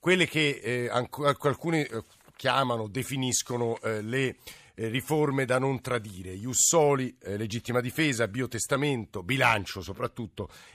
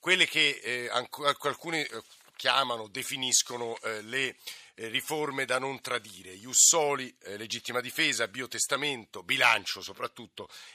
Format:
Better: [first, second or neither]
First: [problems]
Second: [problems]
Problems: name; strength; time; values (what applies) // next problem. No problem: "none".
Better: first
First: none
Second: thin; somewhat; fading below 850 Hz